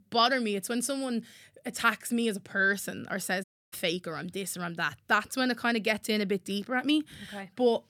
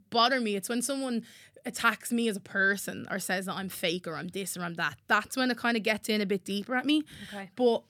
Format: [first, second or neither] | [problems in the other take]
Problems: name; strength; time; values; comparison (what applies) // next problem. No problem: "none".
second | audio cutting out; at 3.5 s